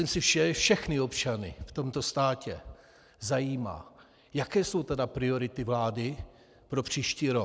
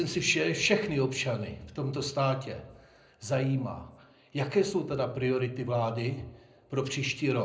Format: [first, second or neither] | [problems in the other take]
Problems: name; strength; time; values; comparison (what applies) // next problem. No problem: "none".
first | room echo; dies away in 0.5 s